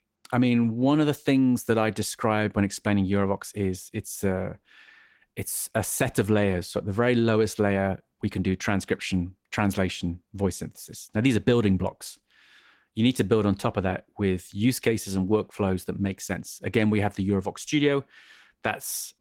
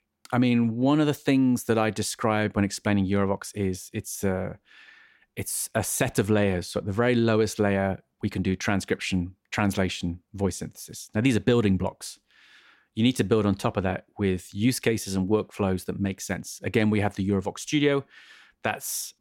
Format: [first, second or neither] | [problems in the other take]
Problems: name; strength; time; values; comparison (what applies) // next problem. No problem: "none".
second | garbled, watery; slightly; nothing above 16.5 kHz